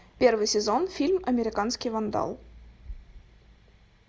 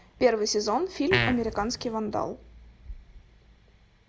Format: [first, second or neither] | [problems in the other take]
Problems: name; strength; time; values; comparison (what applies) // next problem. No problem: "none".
first | background sound (Fart); as loud as the speech